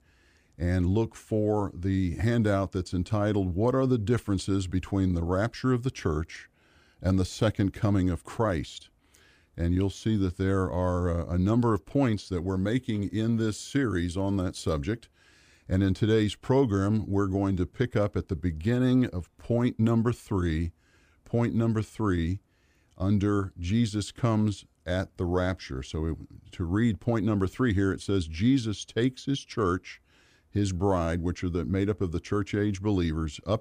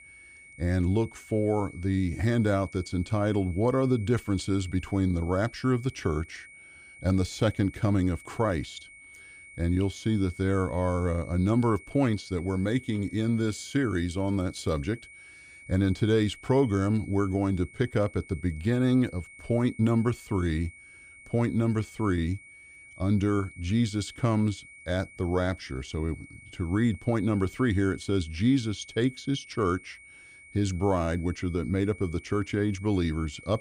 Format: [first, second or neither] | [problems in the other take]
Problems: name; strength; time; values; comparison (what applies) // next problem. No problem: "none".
first | high-pitched whine; noticeable; throughout; 2 kHz, 20 dB below the speech